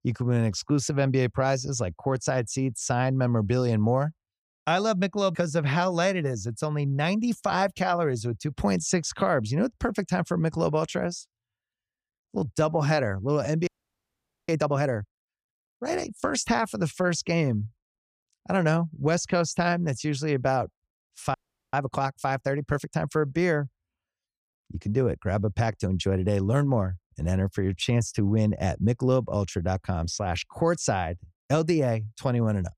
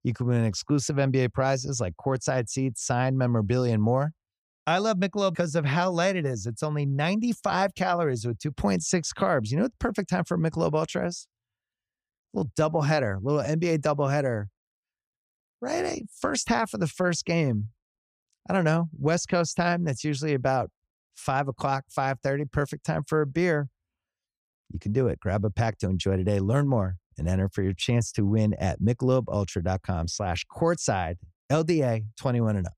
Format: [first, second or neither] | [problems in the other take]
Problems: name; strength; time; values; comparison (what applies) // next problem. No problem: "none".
second | audio freezing; at 14 s for 1 s and at 21 s